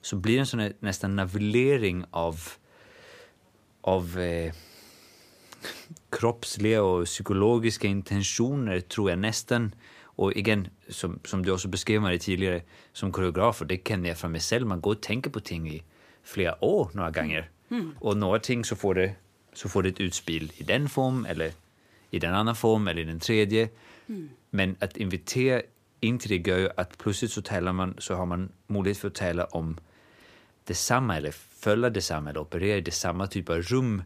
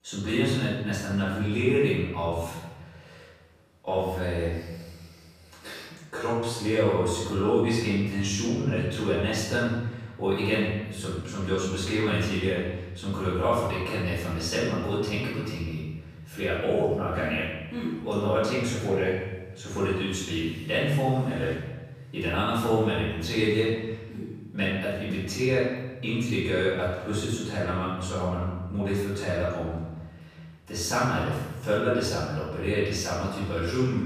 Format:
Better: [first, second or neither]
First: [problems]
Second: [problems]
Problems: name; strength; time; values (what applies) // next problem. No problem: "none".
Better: first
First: none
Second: room echo; strong; dies away in 1.1 s // off-mic speech; far